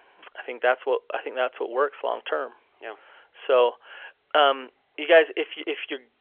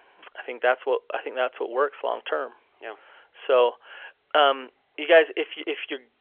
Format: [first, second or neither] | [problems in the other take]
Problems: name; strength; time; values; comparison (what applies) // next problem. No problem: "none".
neither | phone-call audio; nothing above 3.5 kHz; the same in both